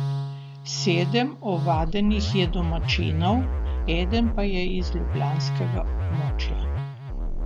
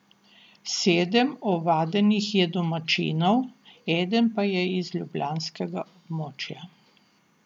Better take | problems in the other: second | background sound (Musical instrument); 2 dB above the speech

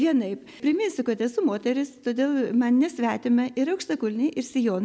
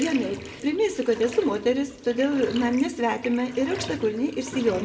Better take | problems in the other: first | background sound (Bathtub (filling or washing)); 14 dB below the speech // room echo; dies away in 1.2 s

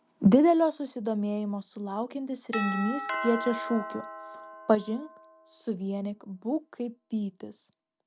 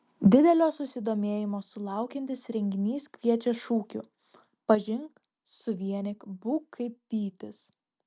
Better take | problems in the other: second | background sound (Doorbell); 11 dB below the speech

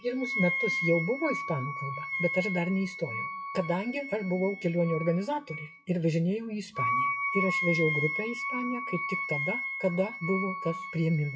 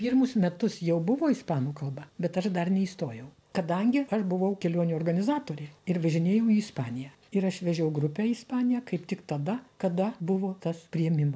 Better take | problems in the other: second | noise reduction (classical method WPE with log-MMSE)

